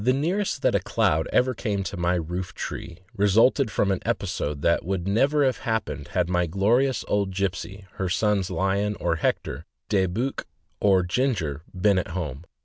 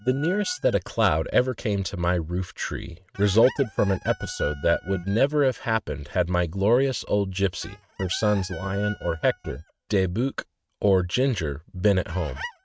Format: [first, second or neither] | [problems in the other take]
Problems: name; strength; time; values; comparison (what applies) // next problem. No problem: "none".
first | noise reduction (neural mask model RNNoise)